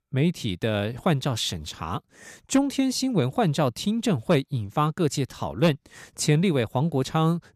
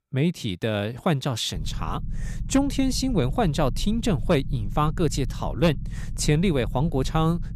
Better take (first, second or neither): first